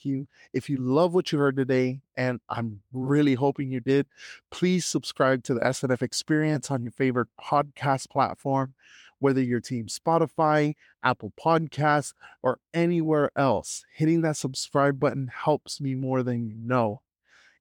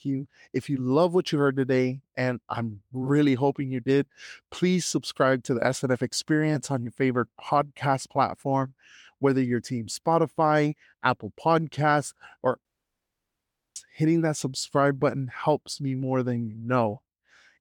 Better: first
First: none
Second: audio cutting out; at 13 s for 1 s

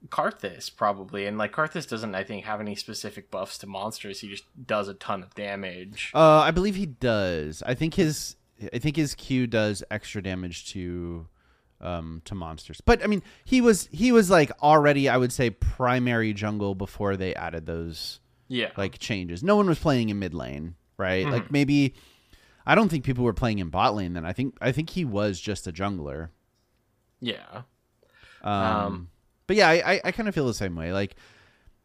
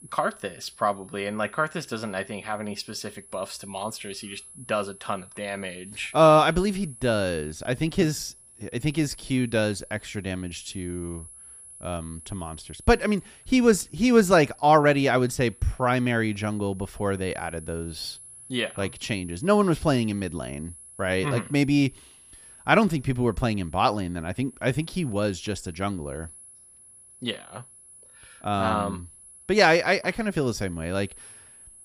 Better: first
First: none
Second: high-pitched whine; faint; throughout; 10.5 kHz, 20 dB below the speech

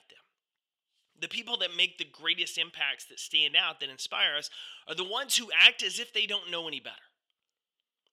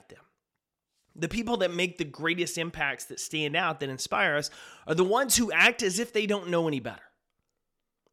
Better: second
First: thin; somewhat; fading below 750 Hz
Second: none

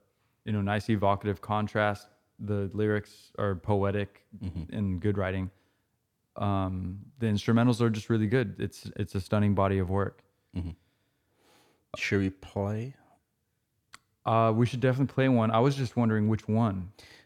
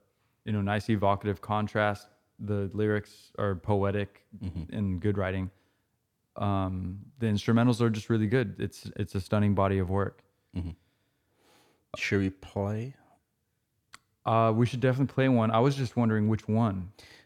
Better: neither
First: none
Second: none

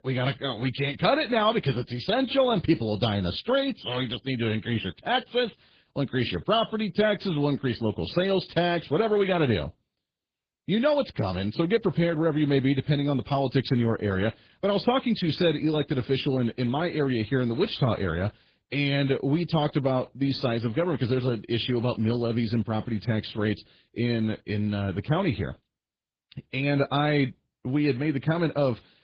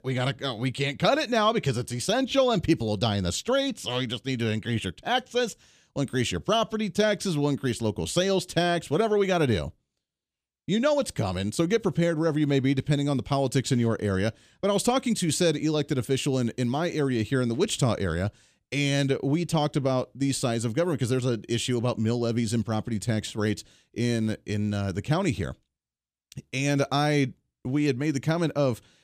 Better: second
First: garbled, watery; badly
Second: none

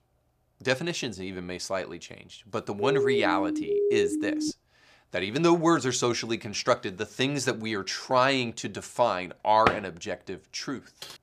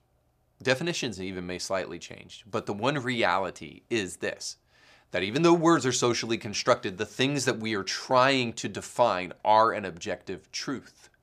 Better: second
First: siren; loud; from 3 to 4.5 s; peak 3 dB above the speech // door banging; noticeable; at 9.5 s; peak level with the speech // keyboard typing; faint; at 11 s; peak 15 dB below the speech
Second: none

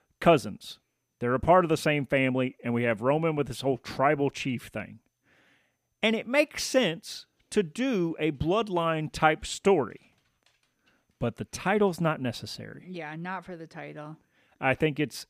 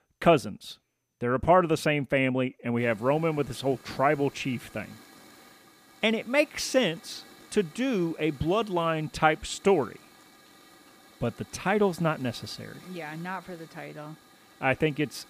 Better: first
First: none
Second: hiss; faint; from 3 s on; 25 dB below the speech

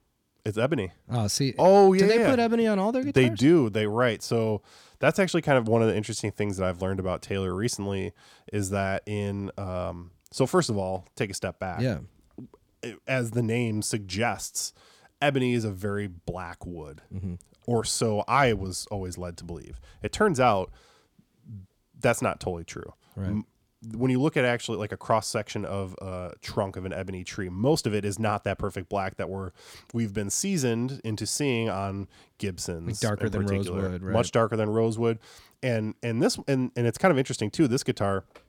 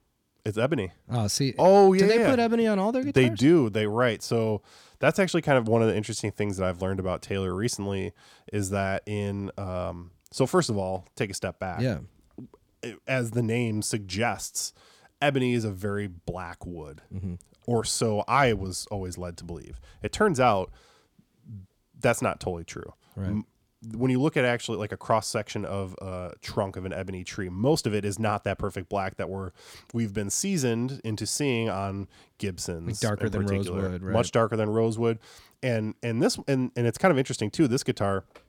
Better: neither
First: none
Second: none

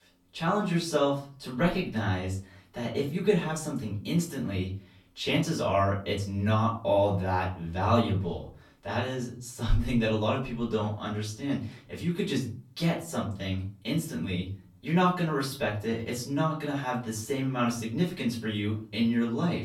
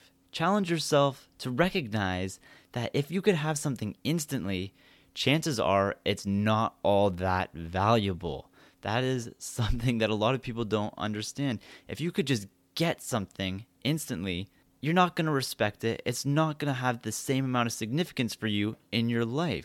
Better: second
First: room echo; slight; dies away in 0.4 s // off-mic speech; far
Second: none

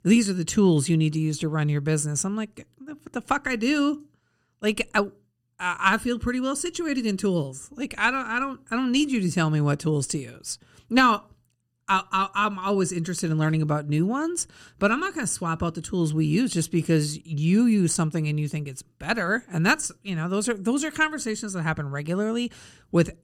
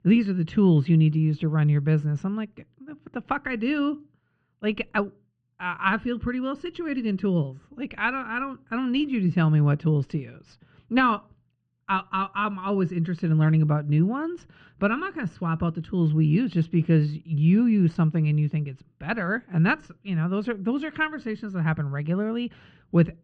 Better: first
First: none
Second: muffled; very; fading above 3 kHz

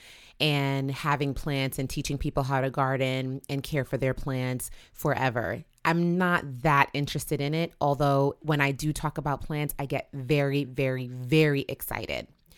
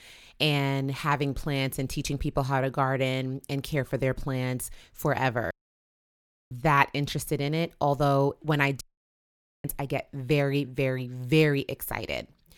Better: first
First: none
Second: audio cutting out; at 5.5 s for 1 s and at 9 s for 1 s

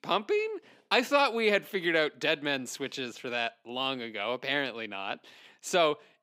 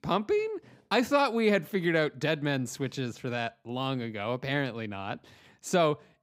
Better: second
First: thin; very slightly; fading below 300 Hz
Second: none

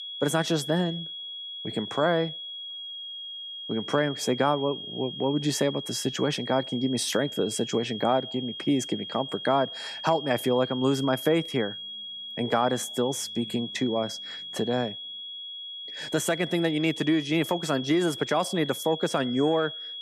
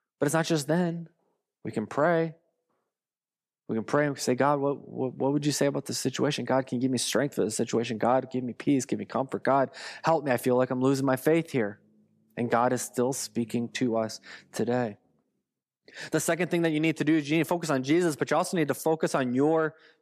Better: second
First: high-pitched whine; loud; throughout; 3.5 kHz, 8 dB below the speech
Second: none

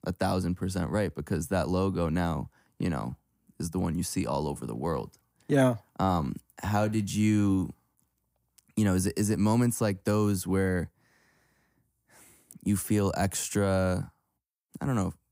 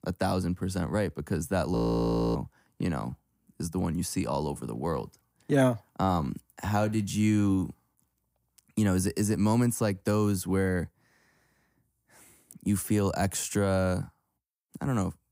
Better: first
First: none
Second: audio freezing; at 2 s for 0.5 s

